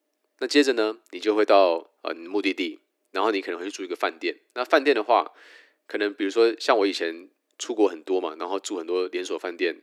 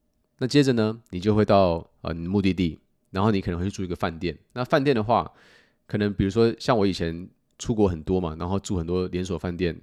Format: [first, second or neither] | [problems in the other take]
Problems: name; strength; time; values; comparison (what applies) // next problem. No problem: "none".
second | thin; somewhat; fading below 300 Hz